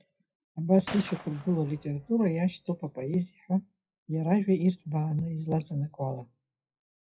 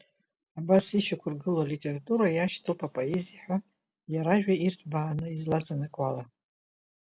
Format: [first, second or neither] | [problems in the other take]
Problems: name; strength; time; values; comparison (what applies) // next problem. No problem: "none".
second | noise reduction (classical method WPE with log-MMSE)